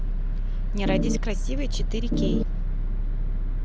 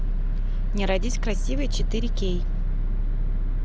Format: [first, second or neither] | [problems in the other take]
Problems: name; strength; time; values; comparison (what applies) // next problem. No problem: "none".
second | background sound (Organ); as loud as the speech